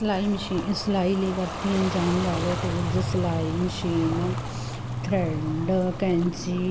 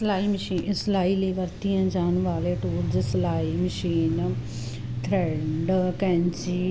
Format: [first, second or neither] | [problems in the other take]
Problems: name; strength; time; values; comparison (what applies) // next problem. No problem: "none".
second | background sound (Ocean); 11 dB below the speech